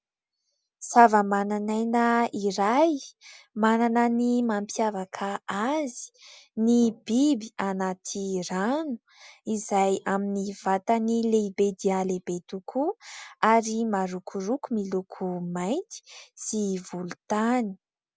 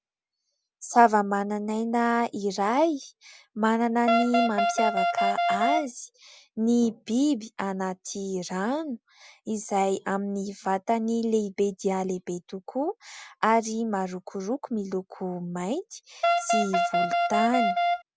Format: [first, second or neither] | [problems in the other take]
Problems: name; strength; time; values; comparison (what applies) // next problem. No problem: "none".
first | background sound (Wind instrument, woodwind instrument); 3 dB above the speech